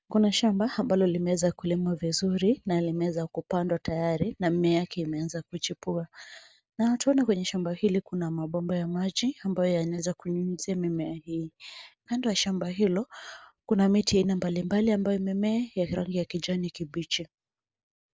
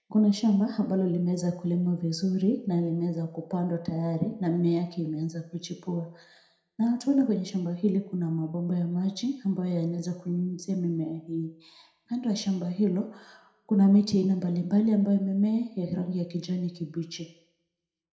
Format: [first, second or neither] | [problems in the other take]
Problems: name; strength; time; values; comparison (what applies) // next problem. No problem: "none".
first | room echo; dies away in 0.5 s